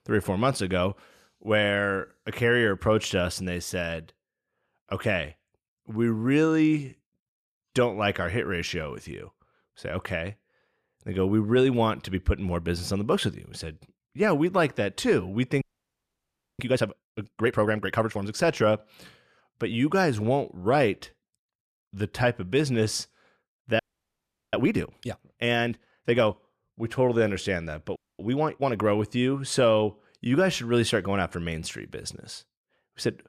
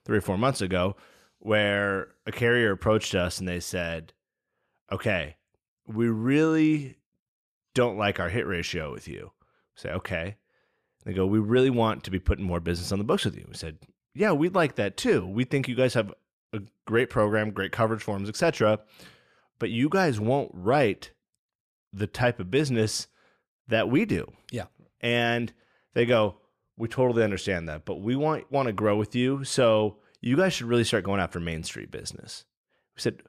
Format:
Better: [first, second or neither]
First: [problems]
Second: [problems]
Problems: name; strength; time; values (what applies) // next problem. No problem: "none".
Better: second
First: audio freezing; at 16 s for 1 s, at 24 s for 0.5 s and at 28 s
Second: none